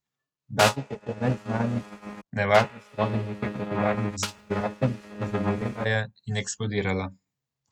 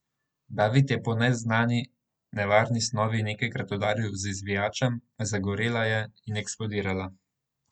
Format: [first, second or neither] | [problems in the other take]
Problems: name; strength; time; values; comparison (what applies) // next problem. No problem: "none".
second | noise reduction (neural mask model RNNoise)